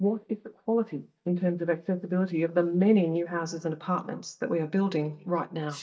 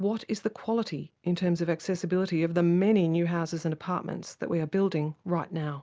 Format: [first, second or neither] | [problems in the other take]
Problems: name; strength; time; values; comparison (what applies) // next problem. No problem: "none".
second | noise reduction (neural mask model DeepFilterNet 3)